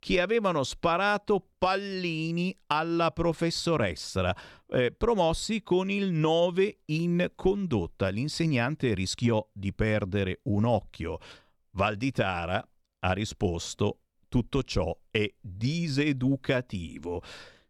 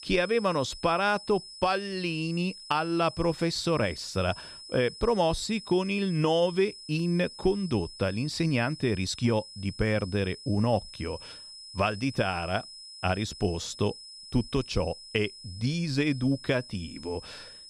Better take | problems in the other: first | high-pitched whine; noticeable; throughout; 5 kHz, 15 dB below the speech

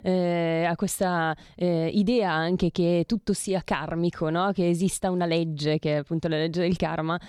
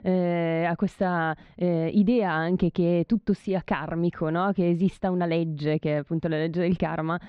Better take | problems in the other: first | muffled; slightly; fading above 2 kHz

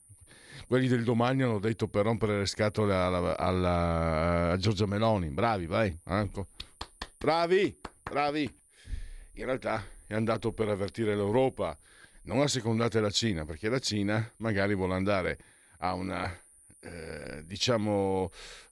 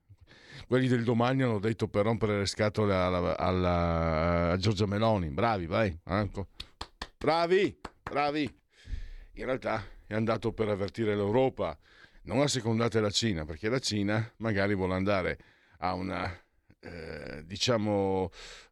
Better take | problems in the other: second | high-pitched whine; faint; throughout; 9.5 kHz, 30 dB below the speech

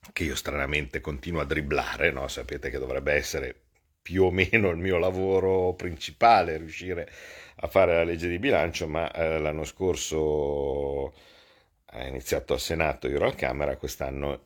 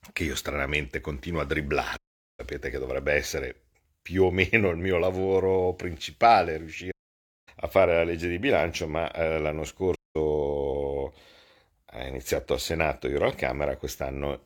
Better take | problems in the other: first | audio cutting out; at 2 s, at 7 s for 0.5 s and at 10 s

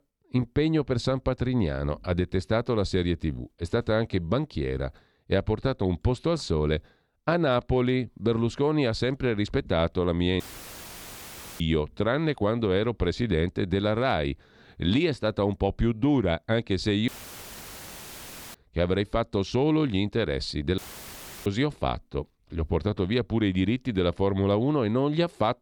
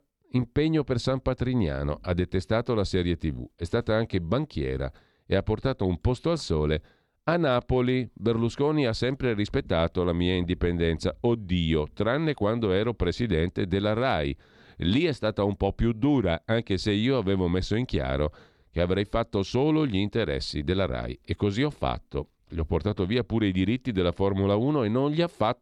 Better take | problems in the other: second | audio cutting out; filled with static; at 10 s for 1 s, at 17 s for 1.5 s and at 21 s for 0.5 s

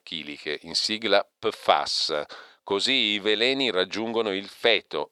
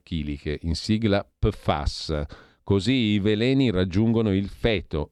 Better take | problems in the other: second | thin; very; fading below 650 Hz

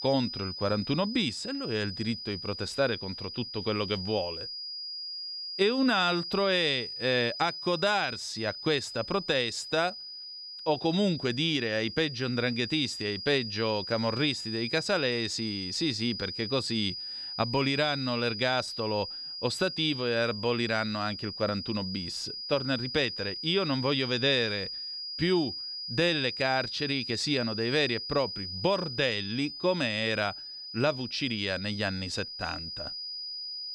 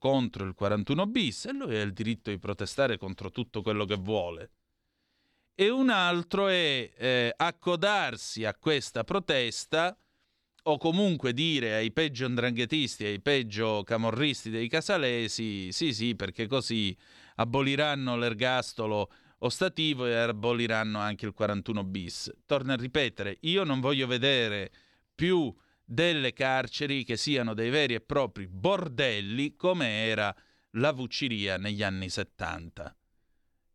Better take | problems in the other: second | high-pitched whine; loud; throughout; 5 kHz, 7 dB below the speech

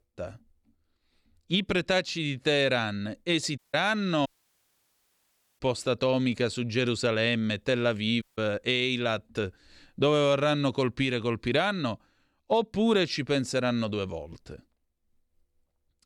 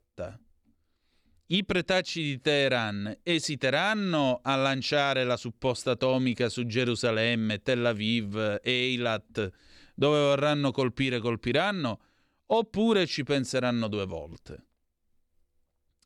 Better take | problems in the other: second | audio cutting out; at 3.5 s, at 4.5 s for 1.5 s and at 8 s

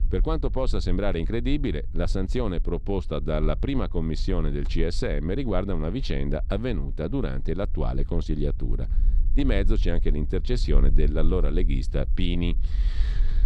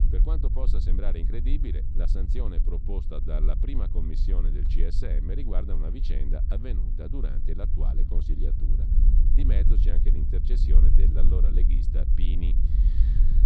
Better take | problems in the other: first | low rumble; loud; throughout; 4 dB below the speech; faint in the first

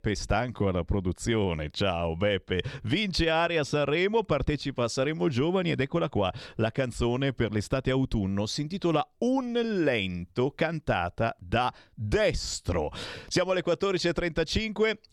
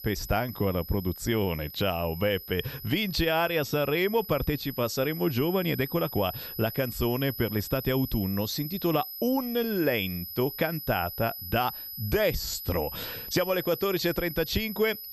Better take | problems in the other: first | high-pitched whine; loud; throughout; 12 kHz, 9 dB below the speech

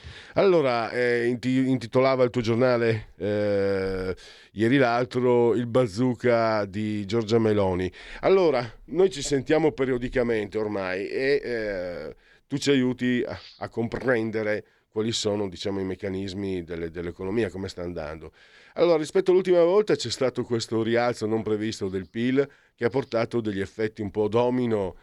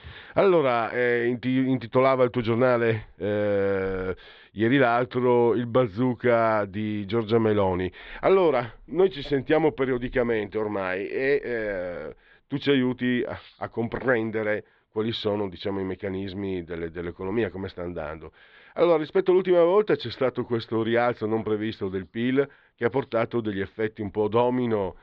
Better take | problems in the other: first | muffled; slightly; fading above 3.5 kHz

